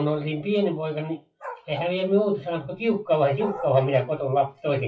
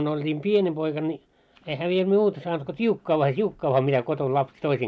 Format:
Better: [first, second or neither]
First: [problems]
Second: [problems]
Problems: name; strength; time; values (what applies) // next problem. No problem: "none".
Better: second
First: noise reduction (classical method WPE with log-MMSE)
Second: none